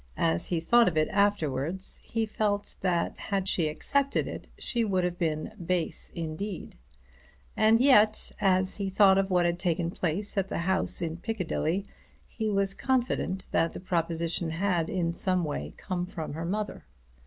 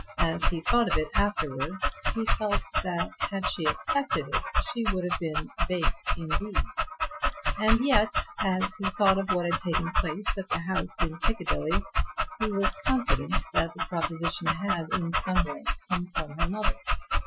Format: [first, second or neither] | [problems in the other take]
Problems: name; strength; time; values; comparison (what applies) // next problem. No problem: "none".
first | noise reduction (classical method Wiener filter)